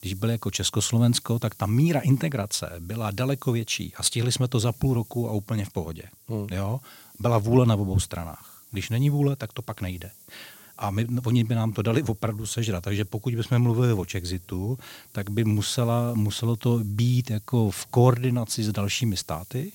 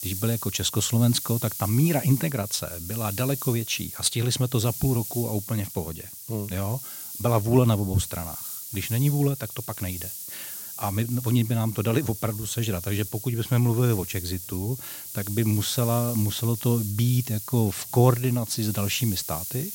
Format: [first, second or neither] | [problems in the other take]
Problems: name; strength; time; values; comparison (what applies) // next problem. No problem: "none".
first | hiss; loud; throughout; 8 dB below the speech; faint in the first